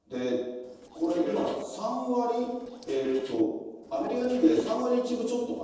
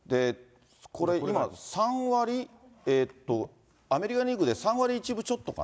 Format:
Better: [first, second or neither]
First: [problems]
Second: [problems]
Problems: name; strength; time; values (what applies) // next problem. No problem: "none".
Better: second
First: noise reduction (neural separator model SepFormer DNS4)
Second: none